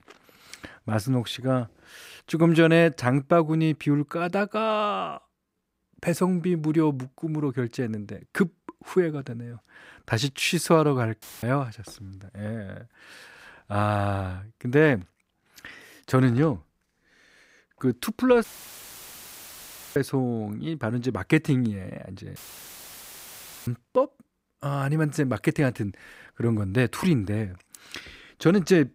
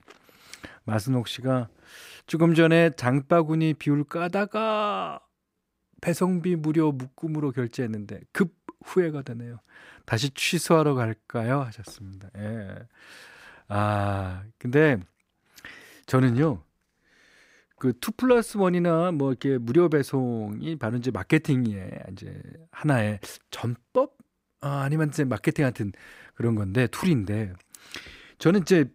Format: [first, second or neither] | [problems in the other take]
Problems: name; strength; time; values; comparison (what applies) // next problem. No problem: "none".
second | audio cutting out; filled with static; at 11 s, at 18 s for 1.5 s and at 22 s for 1.5 s